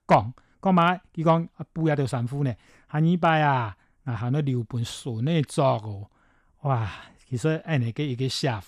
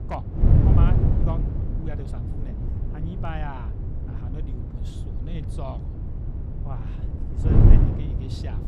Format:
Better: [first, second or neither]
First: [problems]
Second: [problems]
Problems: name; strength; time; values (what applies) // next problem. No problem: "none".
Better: first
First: none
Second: wind noise on the microphone; heavy; 3 dB above the speech